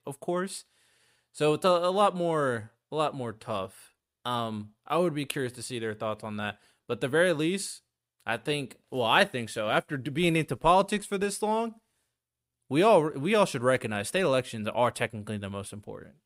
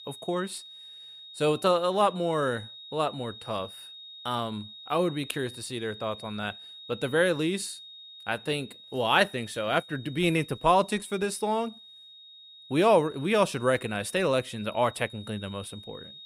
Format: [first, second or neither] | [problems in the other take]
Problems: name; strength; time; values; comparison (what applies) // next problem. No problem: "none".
first | high-pitched whine; noticeable; throughout; 3.5 kHz, 15 dB below the speech